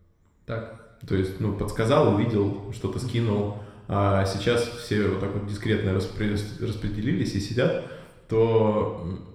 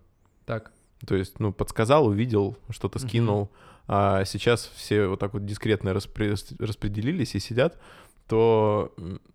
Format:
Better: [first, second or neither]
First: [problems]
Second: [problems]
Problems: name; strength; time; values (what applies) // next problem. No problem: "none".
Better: second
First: room echo; noticeable; dies away in 1 s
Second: none